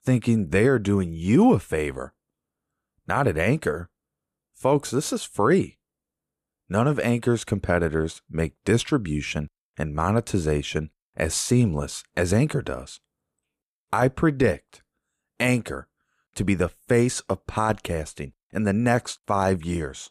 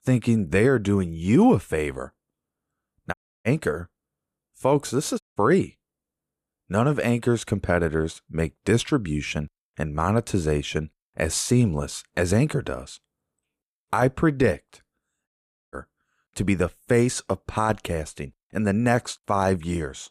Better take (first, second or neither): first